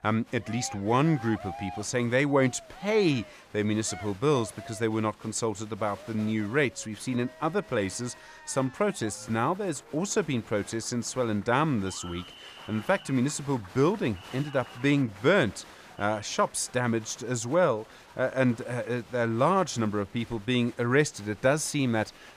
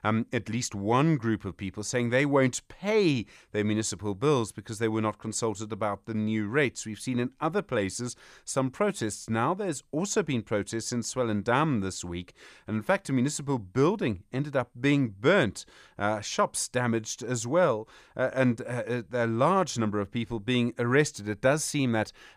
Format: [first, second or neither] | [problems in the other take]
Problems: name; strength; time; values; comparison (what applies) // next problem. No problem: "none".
second | crowd noise; noticeable; throughout; 20 dB below the speech